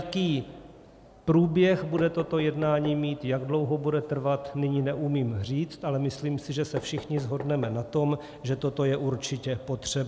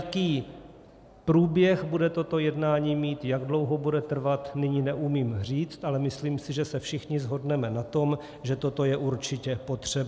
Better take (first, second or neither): second